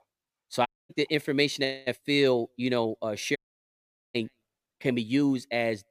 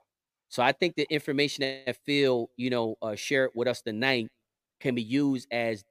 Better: second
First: audio cutting out; at 0.5 s and at 3.5 s for 1 s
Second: none

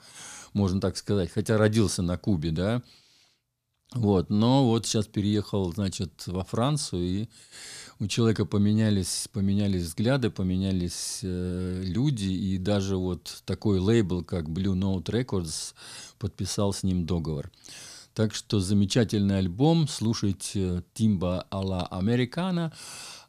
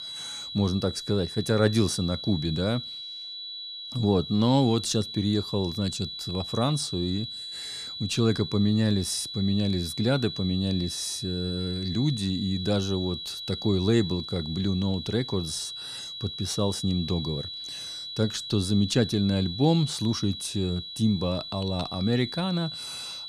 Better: first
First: none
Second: high-pitched whine; loud; throughout; 4 kHz, 8 dB below the speech

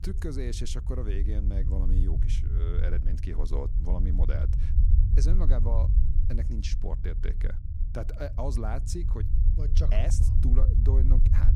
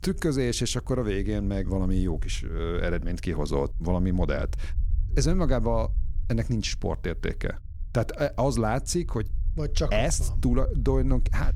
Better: second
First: low rumble; loud; throughout; 5 dB below the speech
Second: low rumble; faint; throughout; 25 dB below the speech

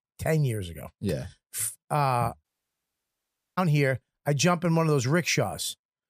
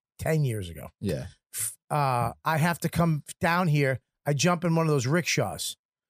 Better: second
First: audio cutting out; at 2.5 s for 1 s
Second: none

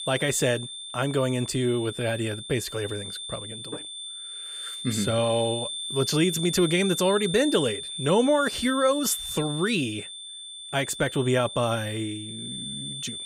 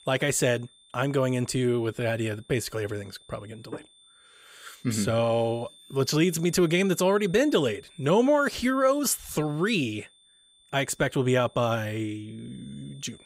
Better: second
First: high-pitched whine; loud; throughout; 3.5 kHz, 8 dB below the speech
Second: high-pitched whine; faint; throughout; 3.5 kHz, 30 dB below the speech

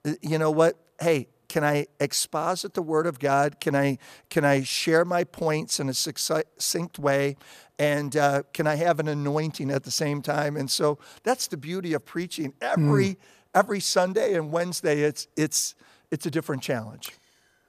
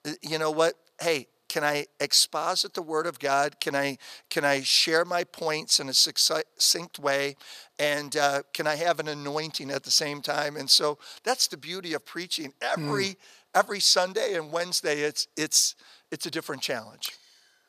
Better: first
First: none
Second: thin; somewhat; fading below 700 Hz

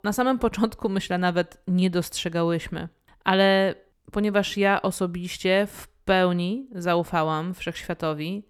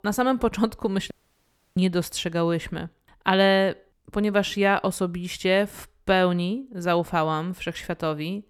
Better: first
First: none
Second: audio cutting out; at 1 s for 0.5 s

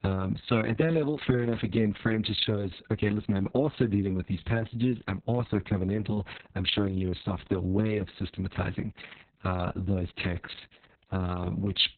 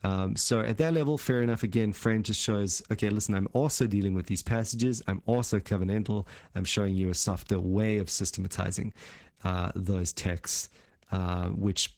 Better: second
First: garbled, watery; badly; nothing above 4 kHz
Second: garbled, watery; slightly

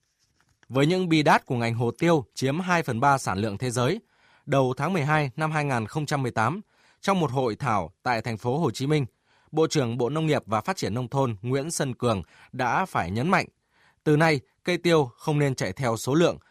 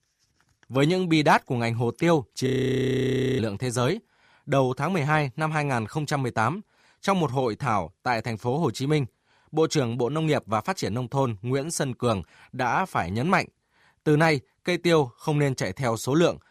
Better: first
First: none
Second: audio freezing; at 2.5 s for 1 s

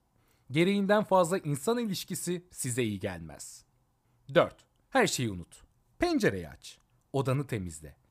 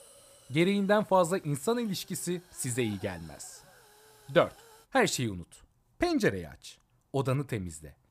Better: first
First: none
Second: hiss; faint; until 5 s; 25 dB below the speech

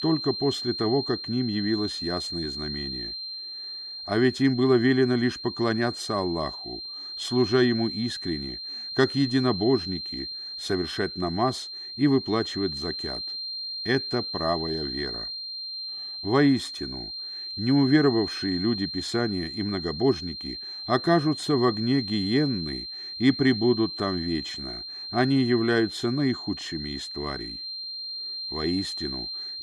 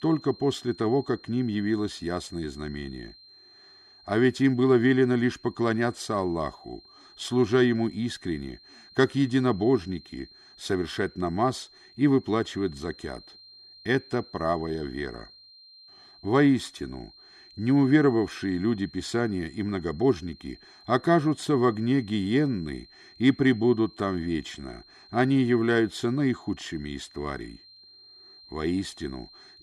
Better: second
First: high-pitched whine; loud; throughout; 4 kHz, 7 dB below the speech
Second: high-pitched whine; faint; throughout; 4 kHz, 25 dB below the speech

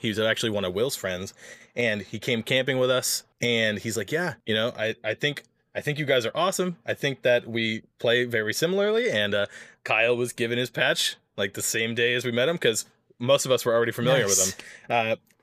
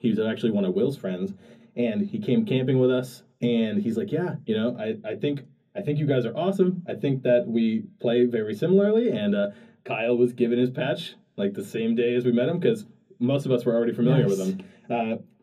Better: first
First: none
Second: room echo; slight; dies away in 0.3 s // off-mic speech; far

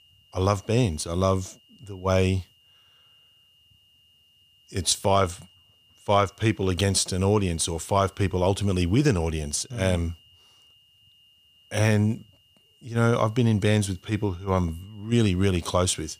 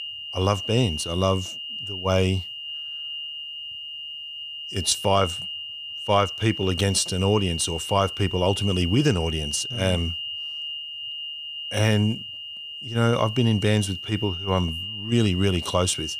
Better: first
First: high-pitched whine; faint; throughout; 3 kHz, 30 dB below the speech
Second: high-pitched whine; loud; throughout; 3 kHz, 7 dB below the speech

